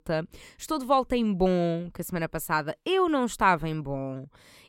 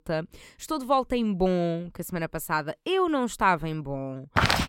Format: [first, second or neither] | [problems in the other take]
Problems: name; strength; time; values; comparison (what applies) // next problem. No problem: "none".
first | footsteps; loud; at 4.5 s; peak 4 dB above the speech